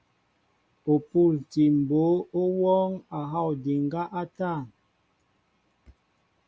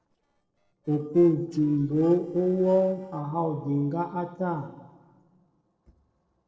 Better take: first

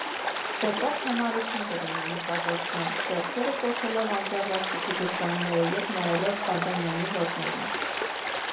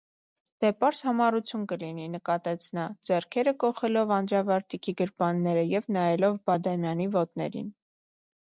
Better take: second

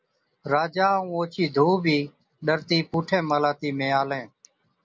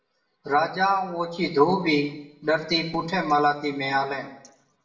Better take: first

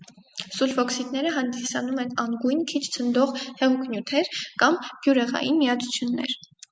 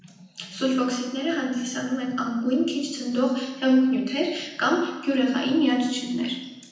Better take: first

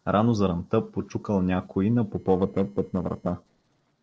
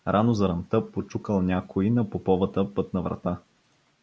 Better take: second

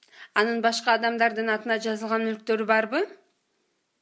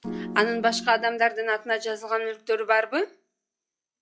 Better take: first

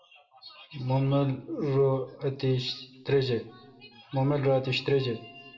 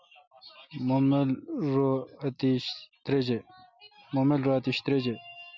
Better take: second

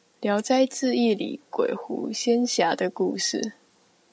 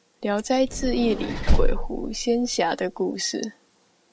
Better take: first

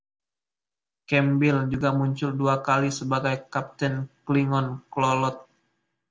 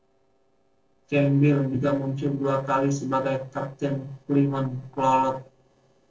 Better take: first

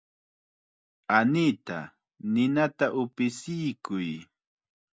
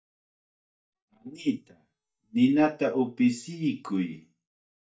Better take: first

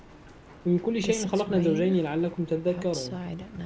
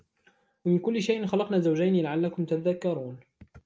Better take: second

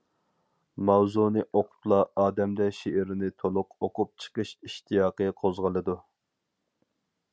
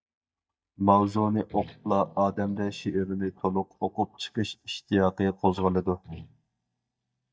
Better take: first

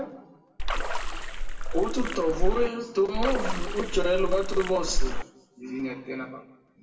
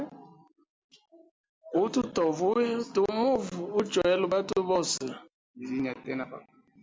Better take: second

